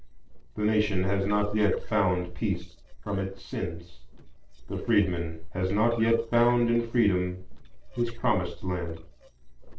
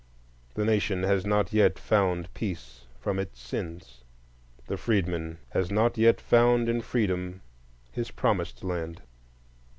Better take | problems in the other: second | noise reduction (neural separator model SepFormer DNS4)

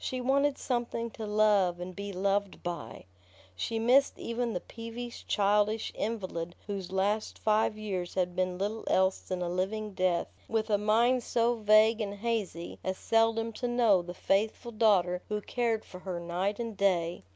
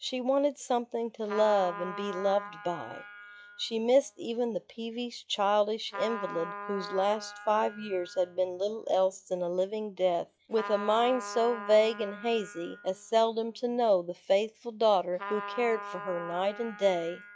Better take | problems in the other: first | noise reduction (classical method log-MMSE)

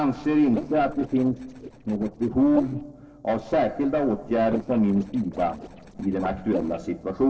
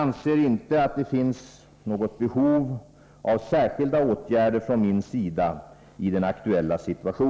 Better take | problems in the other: second | noise reduction (neural separator model SepFormer DNS4)

